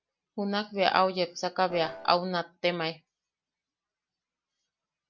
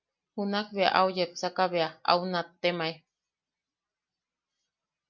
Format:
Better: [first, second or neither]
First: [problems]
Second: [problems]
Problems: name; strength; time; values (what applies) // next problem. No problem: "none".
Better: second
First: background sound (Piano); 11 dB below the speech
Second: none